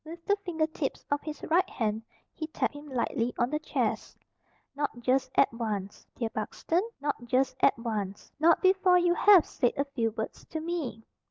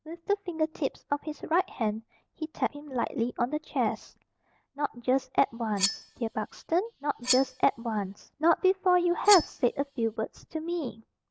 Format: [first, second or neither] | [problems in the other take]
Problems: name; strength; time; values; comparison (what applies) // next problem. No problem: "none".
first | background sound (Cutlery, silverware); 8 dB below the speech